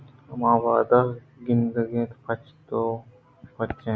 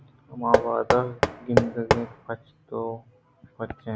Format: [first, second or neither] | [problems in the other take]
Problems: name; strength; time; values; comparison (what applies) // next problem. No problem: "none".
first | background sound (Knock); 4 dB above the speech